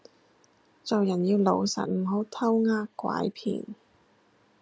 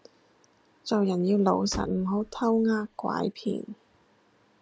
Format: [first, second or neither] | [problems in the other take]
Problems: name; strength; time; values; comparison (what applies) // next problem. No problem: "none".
first | background sound (Slam); 15 dB below the speech